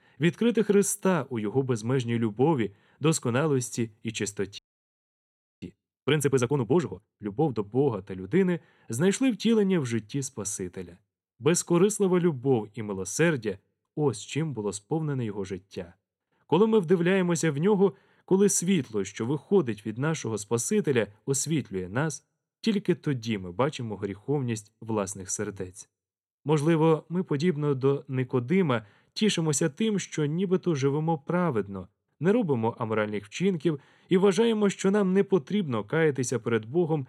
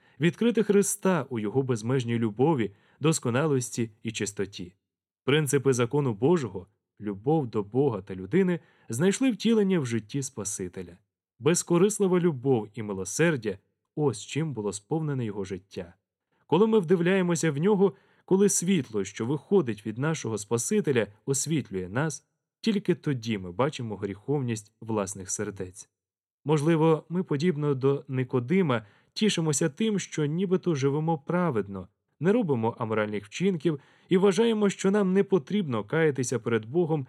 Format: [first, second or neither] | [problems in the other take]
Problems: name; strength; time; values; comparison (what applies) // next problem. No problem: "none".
second | audio freezing; at 4.5 s for 1 s